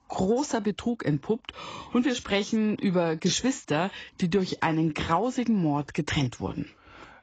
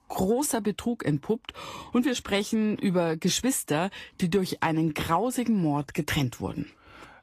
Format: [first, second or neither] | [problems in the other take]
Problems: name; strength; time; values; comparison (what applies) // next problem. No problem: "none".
second | garbled, watery; badly; nothing above 7.5 kHz; slightly in the second